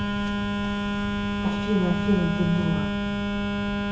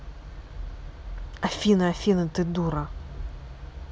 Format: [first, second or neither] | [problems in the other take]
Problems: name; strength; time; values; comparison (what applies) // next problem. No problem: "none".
second | background sound (Telephone); 2 dB above the speech // room echo; dies away in 0.7 s